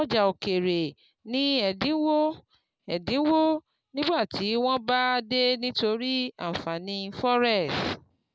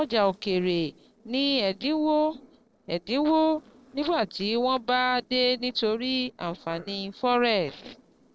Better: first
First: none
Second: noise reduction (neural separator model SepFormer DNS4)

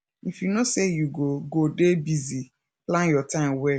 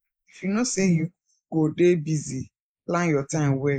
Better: first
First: none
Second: noise reduction (neural mask model Resemble Enhance denoiser)

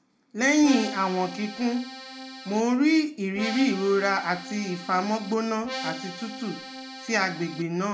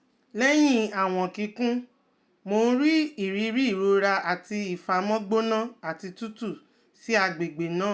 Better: second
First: background sound (Accordion); 11 dB below the speech // room echo; dies away in 0.3 s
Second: none

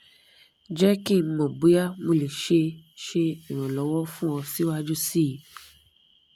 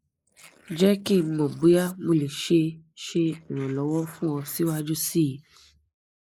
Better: first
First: none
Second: noise reduction (neural mask model Resemble Enhance denoiser)

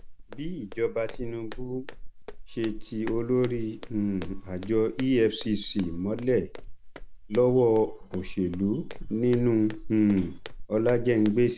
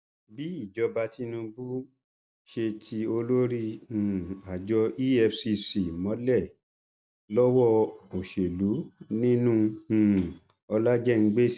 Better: second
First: background sound (Walk, footsteps); 10 dB below the speech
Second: none

